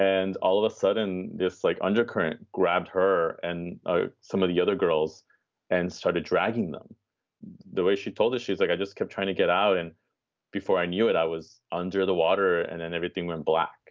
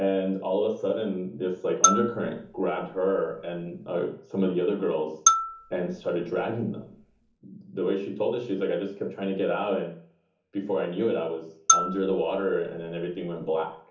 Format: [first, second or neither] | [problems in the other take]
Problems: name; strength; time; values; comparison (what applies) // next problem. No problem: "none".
first | background sound (Marimba, xylophone); 1 dB below the speech // room echo; dies away in 1.2 s